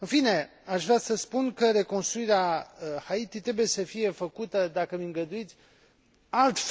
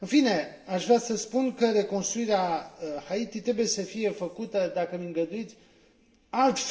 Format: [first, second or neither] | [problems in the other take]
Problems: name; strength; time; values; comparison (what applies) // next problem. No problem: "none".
first | room echo; dies away in 1.9 s